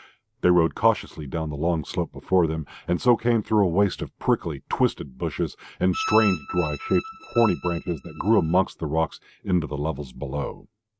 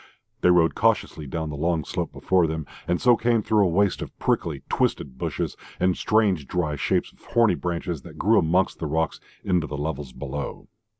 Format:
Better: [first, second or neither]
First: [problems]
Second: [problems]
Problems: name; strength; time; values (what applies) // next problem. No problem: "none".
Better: second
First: noise reduction (neural mask model RNNoise)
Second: none